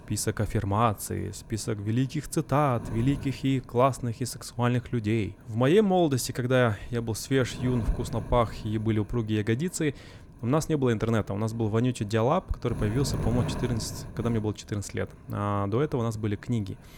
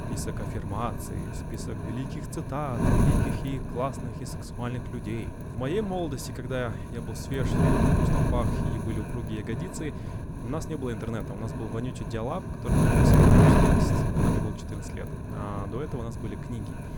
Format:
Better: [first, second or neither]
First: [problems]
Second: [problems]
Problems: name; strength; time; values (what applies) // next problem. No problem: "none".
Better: first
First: wind noise on the microphone; occasional gusts; 15 dB below the speech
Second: wind noise on the microphone; heavy; 5 dB above the speech